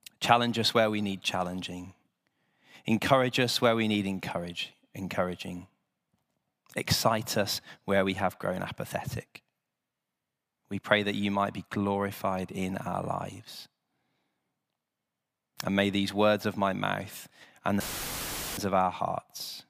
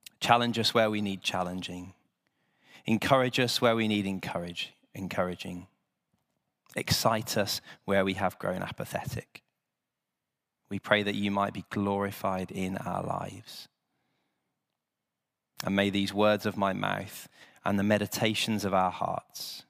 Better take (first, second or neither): second